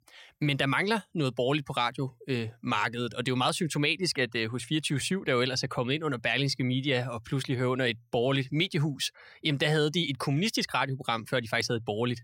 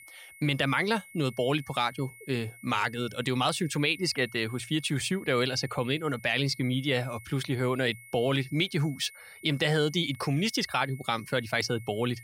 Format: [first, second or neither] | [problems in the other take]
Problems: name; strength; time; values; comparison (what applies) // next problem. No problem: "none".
first | high-pitched whine; noticeable; throughout; 2 kHz, 20 dB below the speech